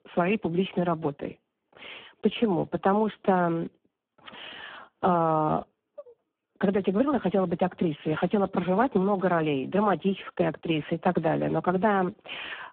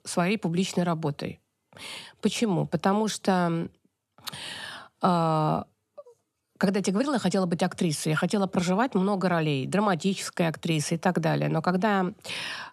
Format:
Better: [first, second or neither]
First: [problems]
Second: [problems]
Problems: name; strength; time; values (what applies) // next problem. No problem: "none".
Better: second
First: phone-call audio; poor line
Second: none